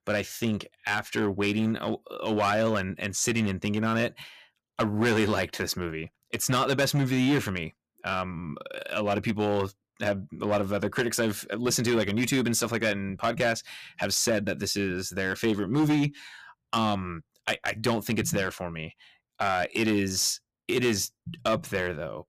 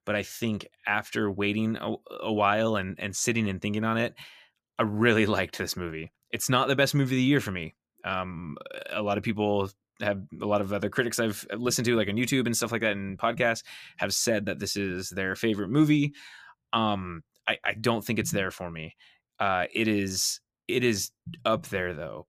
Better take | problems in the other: second | distortion; slight; 5% of the sound clipped

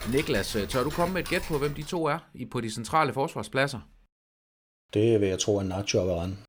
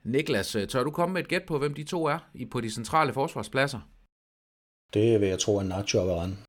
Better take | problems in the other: second | household noises; noticeable; until 2 s; 10 dB below the speech

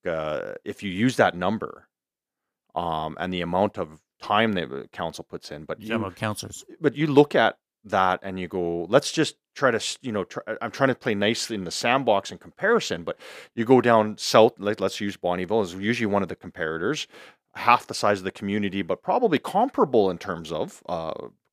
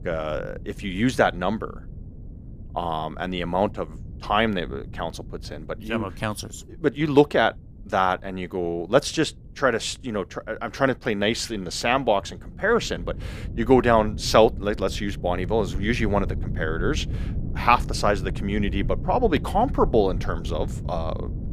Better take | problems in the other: first | wind noise on the microphone; occasional gusts; 20 dB below the speech

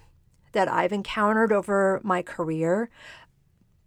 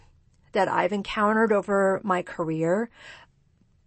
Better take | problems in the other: first | garbled, watery; slightly; nothing above 8 kHz

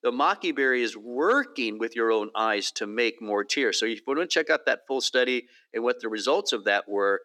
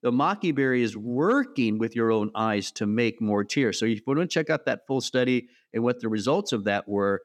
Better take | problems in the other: second | thin; somewhat; fading below 350 Hz

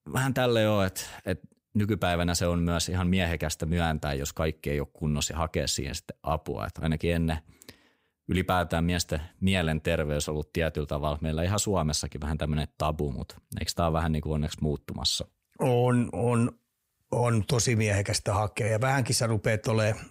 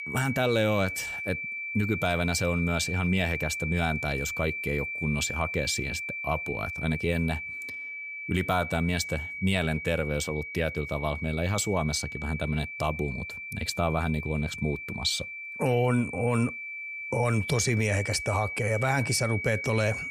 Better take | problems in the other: first | high-pitched whine; loud; throughout; 2.5 kHz, 5 dB below the speech

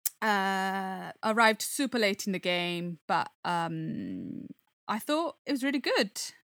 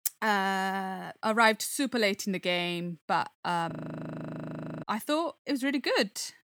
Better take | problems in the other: first | audio freezing; at 3.5 s for 1 s

